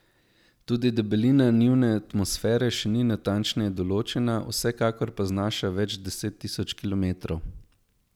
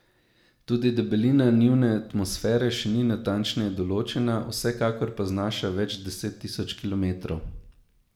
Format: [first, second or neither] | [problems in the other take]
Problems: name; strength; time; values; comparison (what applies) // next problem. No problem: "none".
first | room echo; dies away in 0.5 s